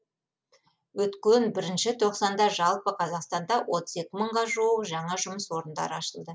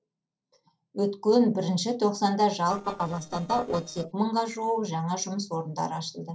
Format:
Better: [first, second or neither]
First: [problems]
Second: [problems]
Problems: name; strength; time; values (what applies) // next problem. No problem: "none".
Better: first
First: none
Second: noise reduction (neural separator model SepFormer DNS4)